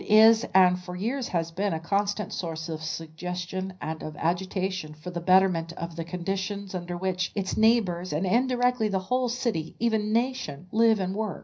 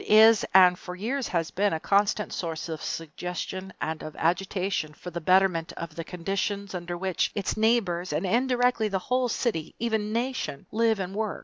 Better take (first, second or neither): second